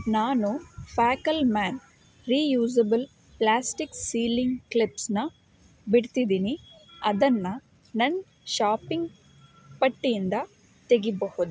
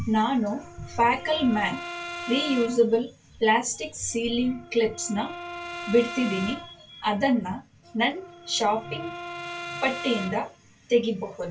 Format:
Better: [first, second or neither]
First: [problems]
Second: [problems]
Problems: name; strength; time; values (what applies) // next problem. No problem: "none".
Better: first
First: none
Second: background sound (Brass instrument); 13 dB below the speech // room echo; dies away in 0.2 s